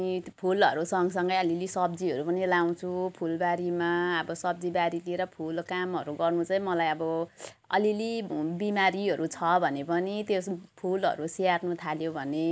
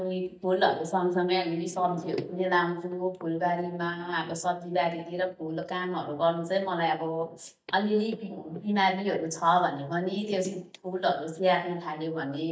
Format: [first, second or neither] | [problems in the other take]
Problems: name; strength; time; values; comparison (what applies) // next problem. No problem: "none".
first | noise reduction (neural mask model DeepFilterNet 3)